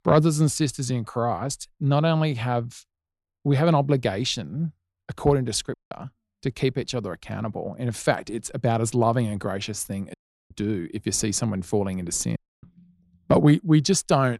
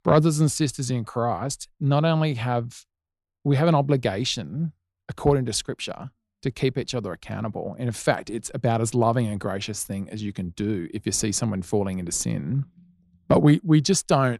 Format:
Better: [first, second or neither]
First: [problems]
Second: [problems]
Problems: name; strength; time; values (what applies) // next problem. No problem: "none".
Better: second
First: audio cutting out; at 5.5 s, at 10 s and at 12 s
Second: none